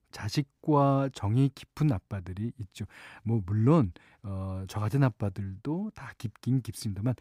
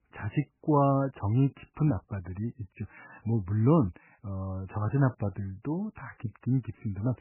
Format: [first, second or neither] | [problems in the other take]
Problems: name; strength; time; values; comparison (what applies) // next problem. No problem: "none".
first | garbled, watery; badly; nothing above 3 kHz